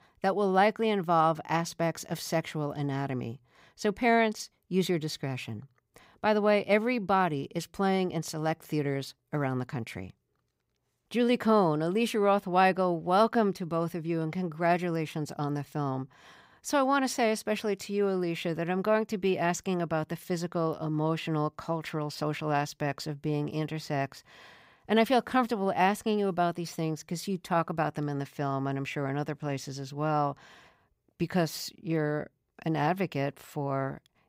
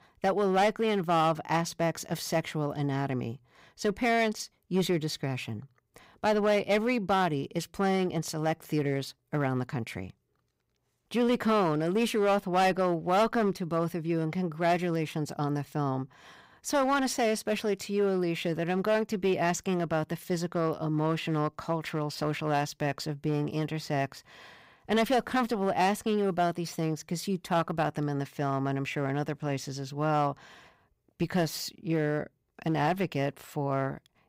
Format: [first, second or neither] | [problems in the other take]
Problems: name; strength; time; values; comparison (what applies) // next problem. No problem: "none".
first | distortion; slight; 4% of the sound clipped